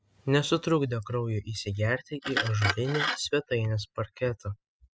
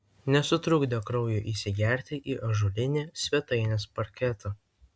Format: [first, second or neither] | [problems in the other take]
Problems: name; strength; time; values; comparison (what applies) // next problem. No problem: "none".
second | noise reduction (classical method spectral subtraction)